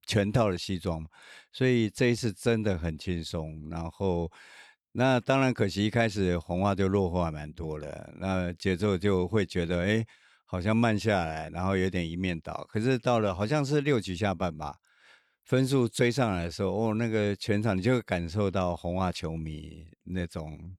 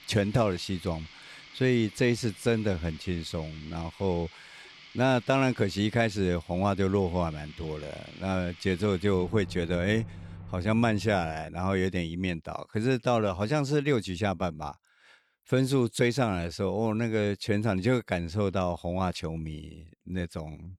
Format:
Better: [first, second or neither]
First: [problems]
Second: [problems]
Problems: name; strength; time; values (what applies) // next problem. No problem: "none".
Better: first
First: none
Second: household noises; noticeable; until 11 s; 20 dB below the speech